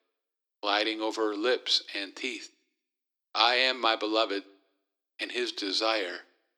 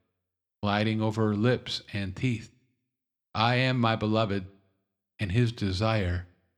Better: second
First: thin; very; fading below 300 Hz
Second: none

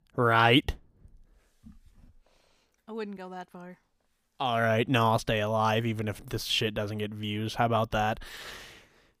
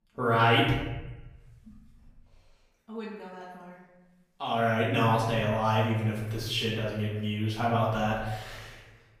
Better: first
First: none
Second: off-mic speech; far // room echo; noticeable; dies away in 0.9 s

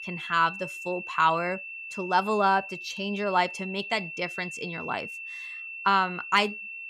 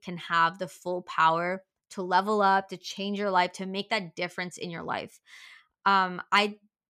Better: second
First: high-pitched whine; loud; throughout; 2.5 kHz, 9 dB below the speech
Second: none

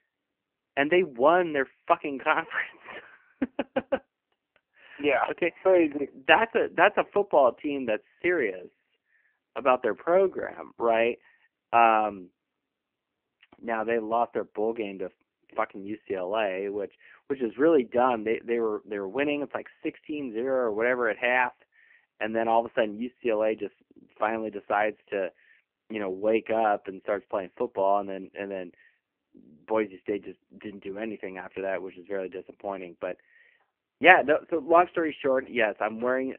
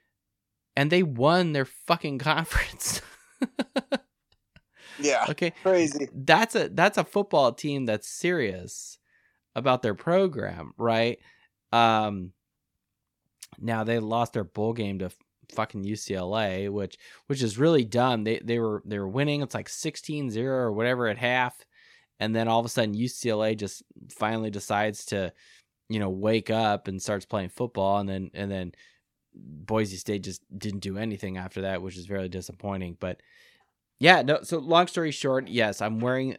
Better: second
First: phone-call audio; poor line; nothing above 3 kHz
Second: none

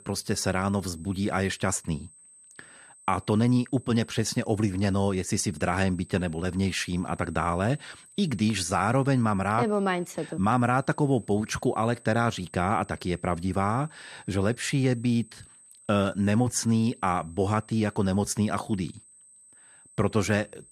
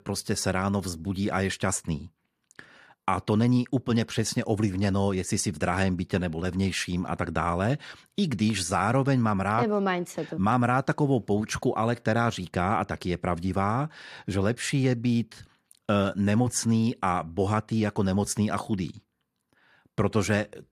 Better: second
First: high-pitched whine; faint; throughout; 8.5 kHz, 25 dB below the speech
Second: none

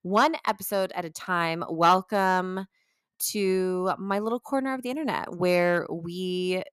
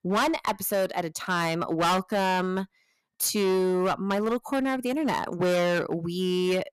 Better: first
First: none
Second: distortion; heavy; 15% of the sound clipped

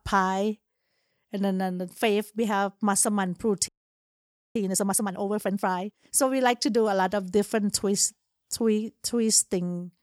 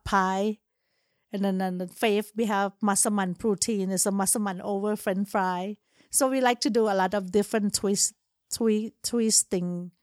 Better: second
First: audio freezing; at 3.5 s for 1 s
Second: none

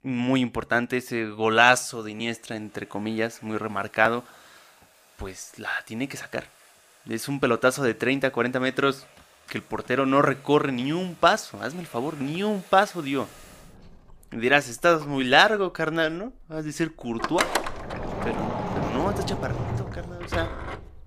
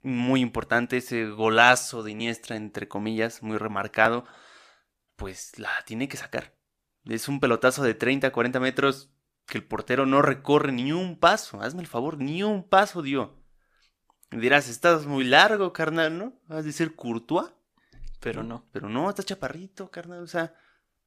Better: second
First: household noises; loud; throughout; 7 dB below the speech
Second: none

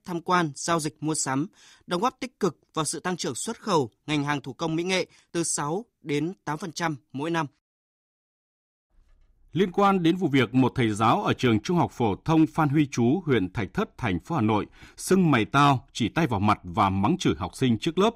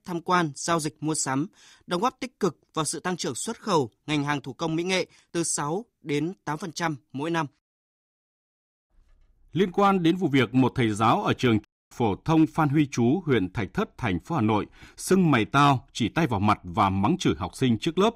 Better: first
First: none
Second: audio cutting out; at 12 s

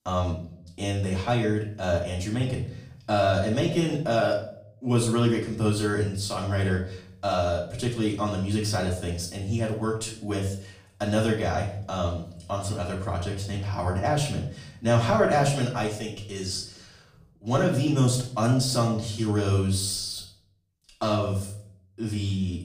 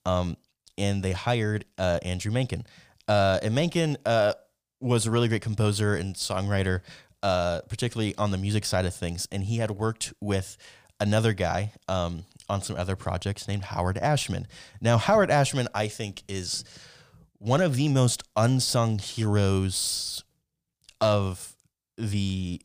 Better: second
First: off-mic speech; far // room echo; slight; dies away in 0.5 s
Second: none

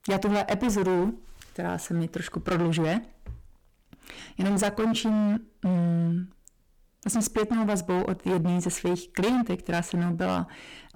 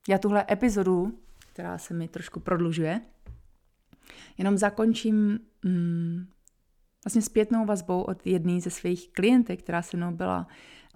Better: second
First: distortion; heavy; 19% of the sound clipped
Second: none

